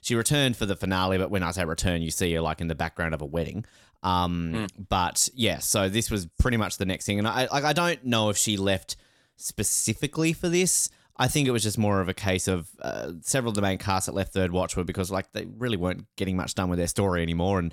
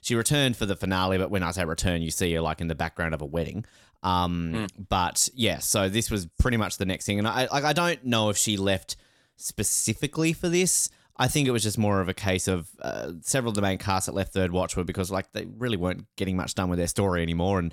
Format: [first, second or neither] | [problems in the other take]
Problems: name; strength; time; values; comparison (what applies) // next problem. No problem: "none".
neither | none